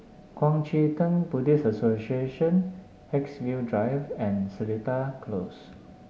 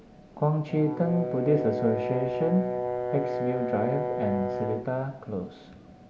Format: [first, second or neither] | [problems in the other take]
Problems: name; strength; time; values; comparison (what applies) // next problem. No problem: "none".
first | background sound (Brass instrument); 3 dB below the speech